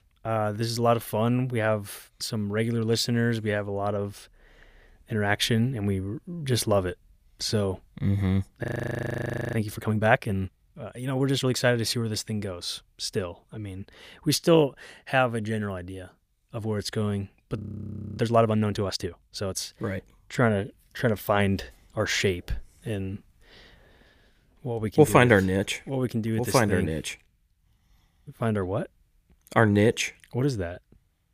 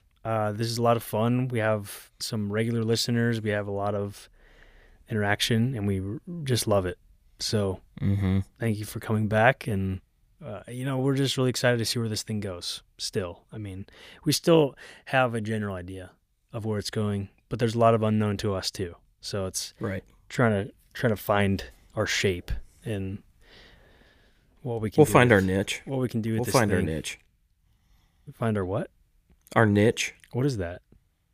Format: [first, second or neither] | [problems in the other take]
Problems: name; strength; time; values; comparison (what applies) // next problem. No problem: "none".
second | audio freezing; at 8.5 s for 1 s and at 18 s for 0.5 s